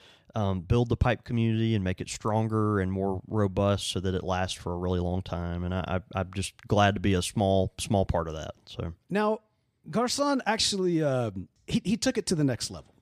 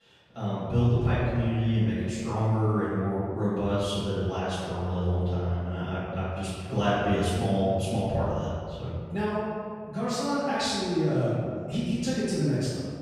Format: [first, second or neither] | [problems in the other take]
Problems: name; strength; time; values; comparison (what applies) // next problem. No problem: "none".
first | off-mic speech; far // room echo; strong; dies away in 1.9 s